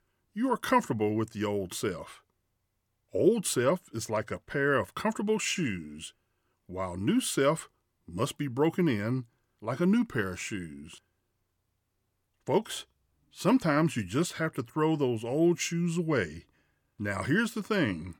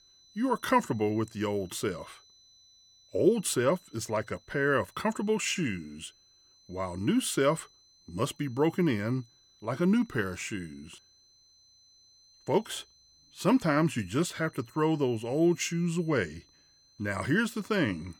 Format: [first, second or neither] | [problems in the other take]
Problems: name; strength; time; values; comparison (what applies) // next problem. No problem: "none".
first | high-pitched whine; faint; throughout; 4 kHz, 30 dB below the speech